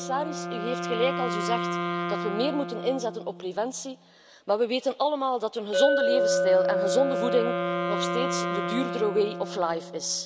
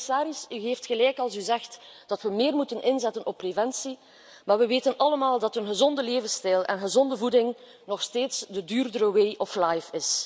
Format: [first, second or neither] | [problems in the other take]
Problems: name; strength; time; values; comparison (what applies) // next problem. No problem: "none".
second | background sound (Wind instrument, woodwind instrument + Chink, clink); as loud as the speech